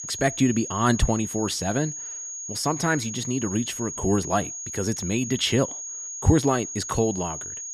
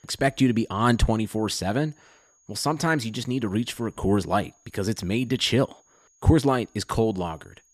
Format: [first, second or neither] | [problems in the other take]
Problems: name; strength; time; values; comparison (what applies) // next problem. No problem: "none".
second | high-pitched whine; loud; throughout; 6.5 kHz, 7 dB below the speech; faint in the second